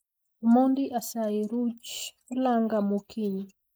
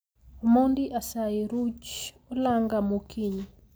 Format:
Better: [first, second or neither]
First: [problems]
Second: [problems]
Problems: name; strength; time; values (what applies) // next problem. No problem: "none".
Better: second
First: noise reduction (neural mask model Resemble Enhance denoiser)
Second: none